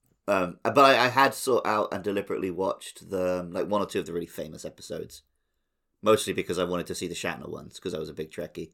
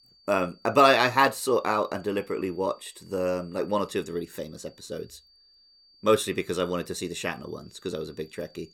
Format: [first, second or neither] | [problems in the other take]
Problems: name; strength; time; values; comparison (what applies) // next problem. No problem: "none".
first | high-pitched whine; faint; throughout; 4.5 kHz, 30 dB below the speech